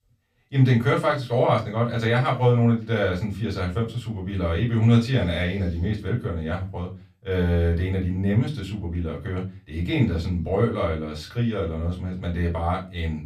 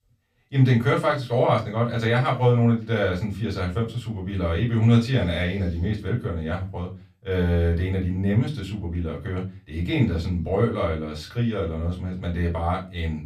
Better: neither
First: off-mic speech; far // room echo; very slight; dies away in 0.3 s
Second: off-mic speech; far // room echo; very slight; dies away in 0.3 s

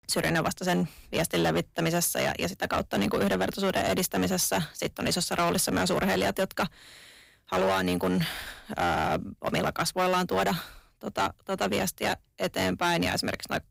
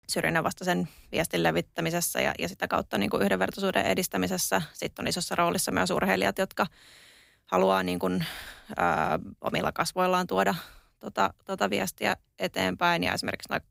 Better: second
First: distortion; heavy; 10% of the sound clipped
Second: none

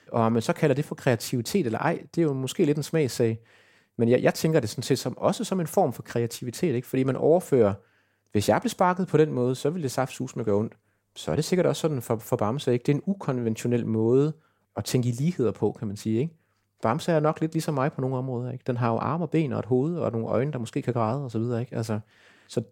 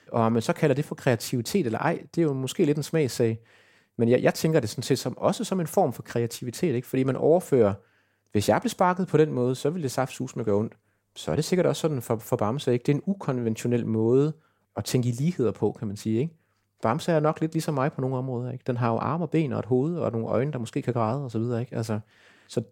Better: neither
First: none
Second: none

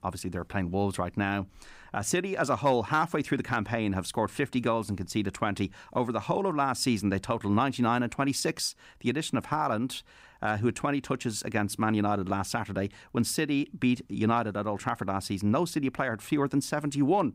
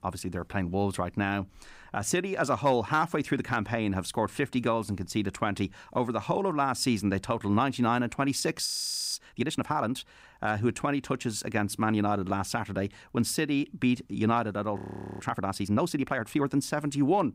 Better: first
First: none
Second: audio freezing; at 8.5 s and at 15 s

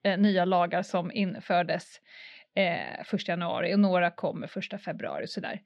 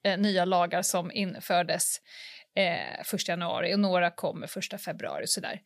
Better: second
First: muffled; slightly; fading above 3.5 kHz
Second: none

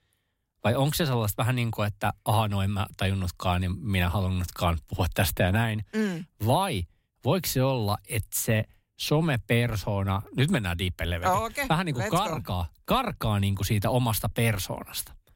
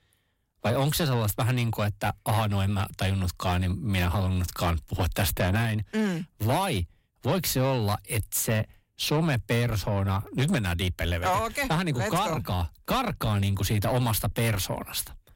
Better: first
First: none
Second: distortion; slight; 10 dB below the speech

